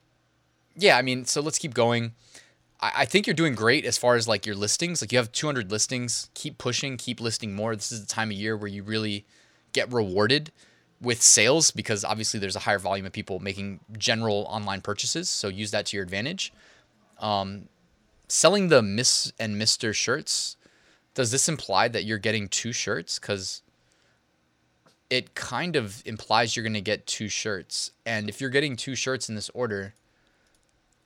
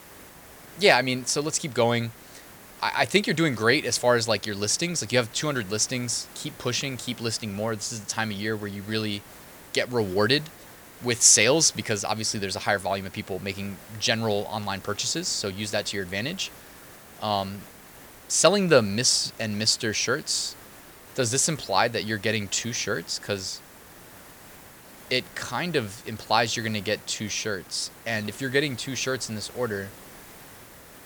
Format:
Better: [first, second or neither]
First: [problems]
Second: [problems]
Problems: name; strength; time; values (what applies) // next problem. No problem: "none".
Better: first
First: none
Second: hiss; faint; throughout; 20 dB below the speech